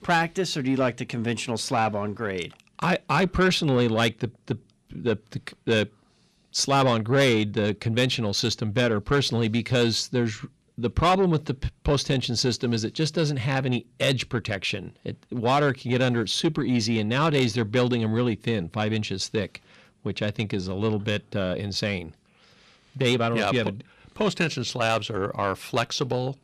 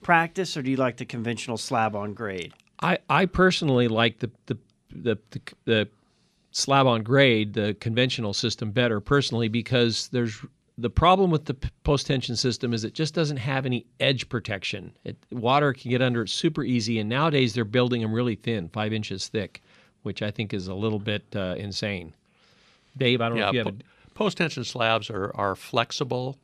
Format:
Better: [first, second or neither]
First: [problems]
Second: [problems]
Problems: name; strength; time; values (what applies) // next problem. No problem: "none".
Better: second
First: distortion; slight; 10 dB below the speech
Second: none